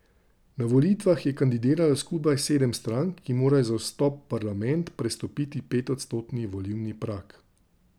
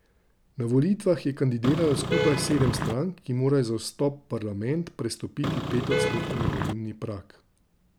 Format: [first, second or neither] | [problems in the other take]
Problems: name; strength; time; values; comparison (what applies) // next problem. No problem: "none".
first | background sound (Vehicle horn, car horn, honking); as loud as the speech